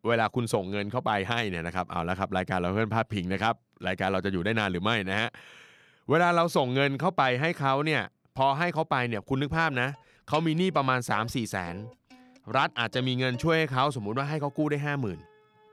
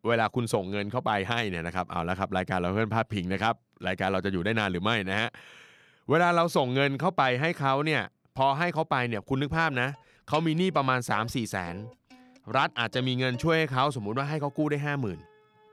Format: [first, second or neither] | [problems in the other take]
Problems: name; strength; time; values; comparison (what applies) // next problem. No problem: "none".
neither | background music; faint; from 9.5 s on; 25 dB below the speech; the same in both